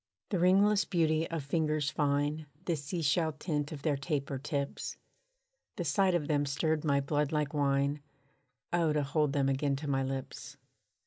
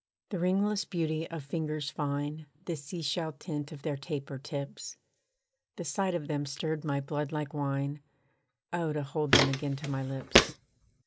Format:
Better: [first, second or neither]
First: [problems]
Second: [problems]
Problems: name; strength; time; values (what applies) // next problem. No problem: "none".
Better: first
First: none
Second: background sound (Walk, footsteps); 4 dB above the speech